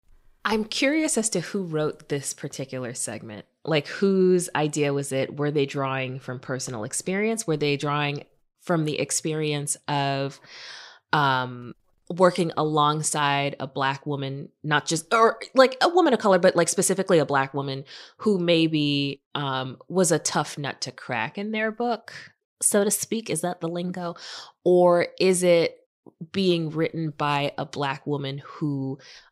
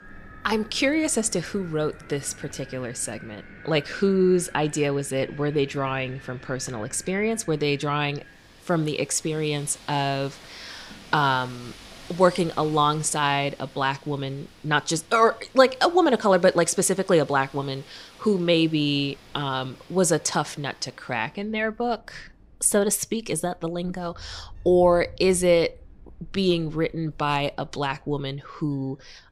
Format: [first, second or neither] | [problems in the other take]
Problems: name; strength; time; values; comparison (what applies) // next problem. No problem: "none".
first | wind in the background; faint; throughout; 25 dB below the speech